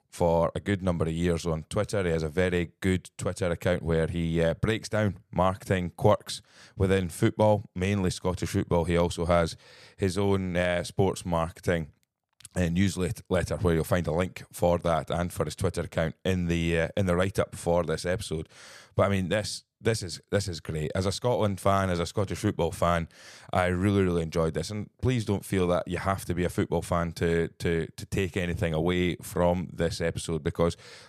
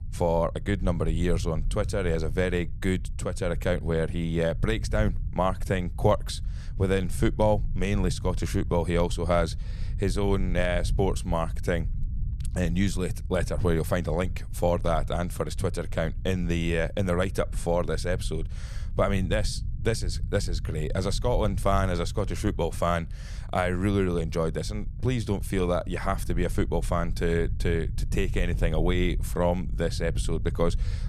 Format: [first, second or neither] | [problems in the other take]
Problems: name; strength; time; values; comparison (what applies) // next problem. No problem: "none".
first | low rumble; faint; throughout; 20 dB below the speech